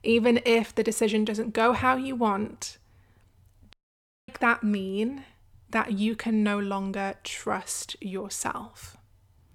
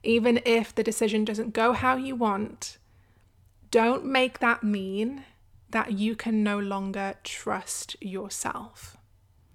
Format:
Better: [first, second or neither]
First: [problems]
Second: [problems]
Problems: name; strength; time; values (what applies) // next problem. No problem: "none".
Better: second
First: audio cutting out; at 3.5 s for 0.5 s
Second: none